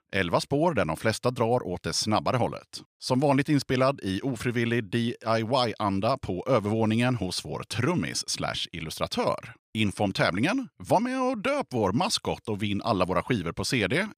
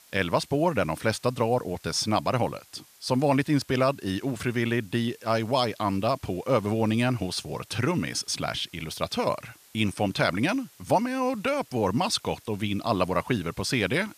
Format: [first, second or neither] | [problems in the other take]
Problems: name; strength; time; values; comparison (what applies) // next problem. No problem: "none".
first | hiss; faint; throughout; 25 dB below the speech